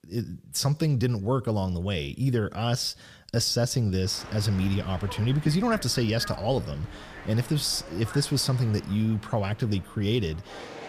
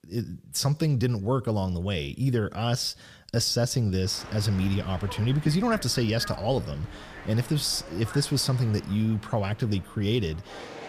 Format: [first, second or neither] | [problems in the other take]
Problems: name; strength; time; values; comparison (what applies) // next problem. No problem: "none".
neither | train or aircraft noise; noticeable; from 4 s on; 15 dB below the speech; the same in both